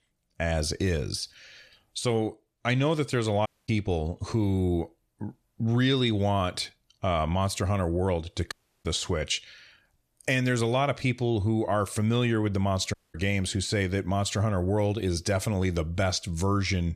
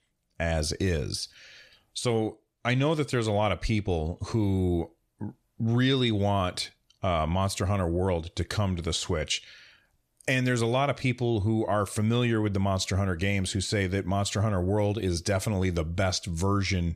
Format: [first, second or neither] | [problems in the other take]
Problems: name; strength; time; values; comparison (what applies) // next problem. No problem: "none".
second | audio cutting out; at 3.5 s, at 8.5 s and at 13 s